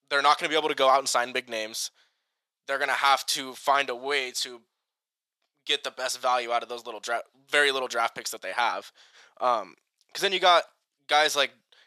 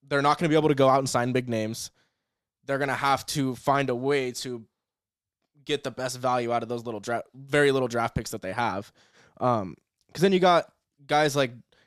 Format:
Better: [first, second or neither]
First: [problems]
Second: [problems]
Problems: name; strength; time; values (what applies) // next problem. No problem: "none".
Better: second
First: thin; very; fading below 700 Hz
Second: none